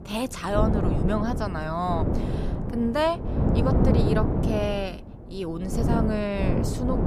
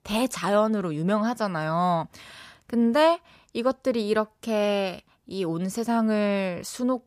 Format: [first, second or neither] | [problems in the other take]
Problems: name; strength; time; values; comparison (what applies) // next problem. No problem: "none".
second | wind noise on the microphone; heavy; 4 dB below the speech